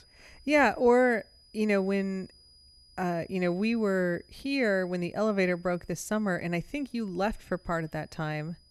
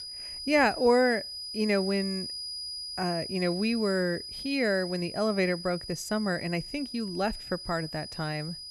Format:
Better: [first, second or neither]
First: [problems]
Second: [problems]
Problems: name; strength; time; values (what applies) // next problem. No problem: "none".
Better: first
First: high-pitched whine; faint; throughout; 5 kHz, 30 dB below the speech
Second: high-pitched whine; loud; throughout; 5 kHz, 8 dB below the speech